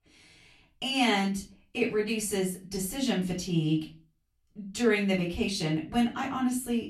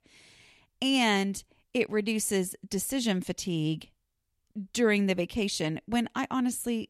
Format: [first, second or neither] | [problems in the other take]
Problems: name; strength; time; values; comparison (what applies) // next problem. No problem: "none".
second | off-mic speech; far // room echo; very slight; dies away in 0.3 s